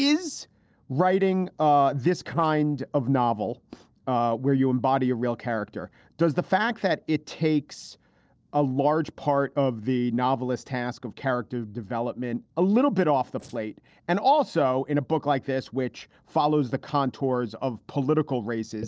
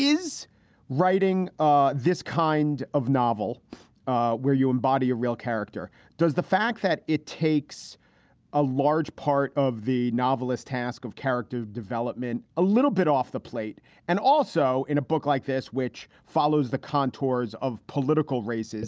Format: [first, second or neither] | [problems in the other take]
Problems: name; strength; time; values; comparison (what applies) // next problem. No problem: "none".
second | noise reduction (neural separator model SepFormer DNS4)